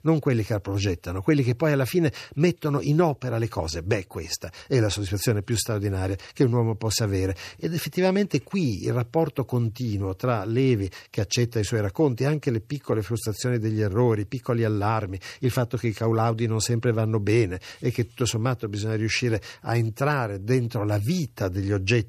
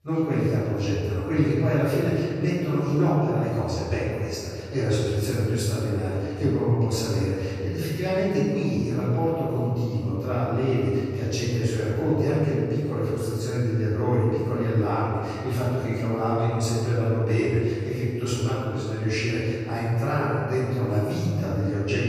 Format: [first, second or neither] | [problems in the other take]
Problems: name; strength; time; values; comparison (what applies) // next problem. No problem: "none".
first | off-mic speech; far // room echo; strong; dies away in 2.1 s